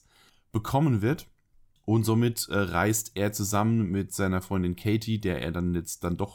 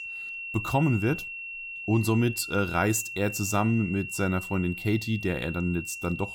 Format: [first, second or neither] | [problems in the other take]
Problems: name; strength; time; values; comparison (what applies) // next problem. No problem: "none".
first | high-pitched whine; loud; throughout; 2.5 kHz, 8 dB below the speech